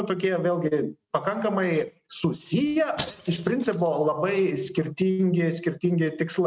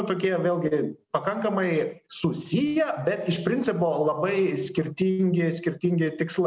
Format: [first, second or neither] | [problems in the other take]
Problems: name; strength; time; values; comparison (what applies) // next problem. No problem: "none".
second | noise reduction (neural mask model RNNoise)